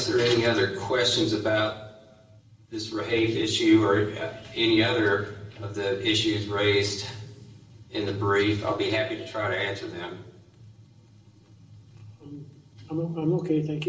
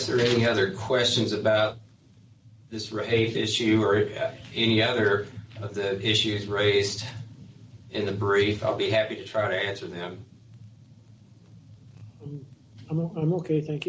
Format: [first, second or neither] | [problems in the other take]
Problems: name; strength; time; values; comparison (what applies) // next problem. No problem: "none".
second | room echo; dies away in 1.2 s